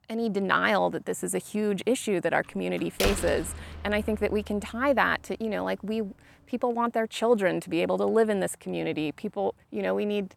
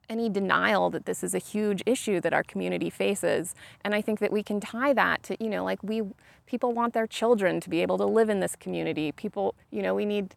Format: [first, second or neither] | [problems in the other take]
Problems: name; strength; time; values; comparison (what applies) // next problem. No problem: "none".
second | door banging; noticeable; from 3 to 4.5 s; peak 2 dB below the speech